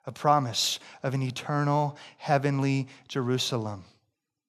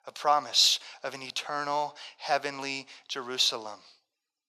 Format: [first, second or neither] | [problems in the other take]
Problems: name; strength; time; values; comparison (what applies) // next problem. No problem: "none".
first | thin; very; fading below 600 Hz